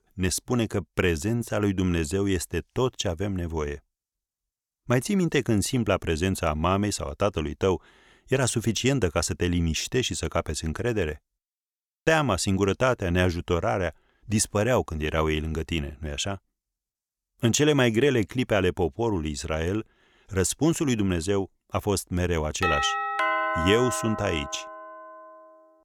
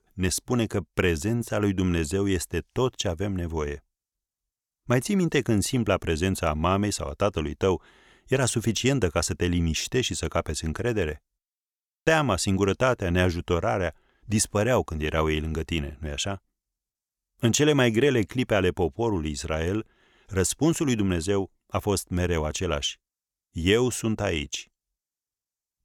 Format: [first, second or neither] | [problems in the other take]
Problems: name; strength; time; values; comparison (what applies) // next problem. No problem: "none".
second | doorbell; loud; from 23 to 25 s; peak 1 dB above the speech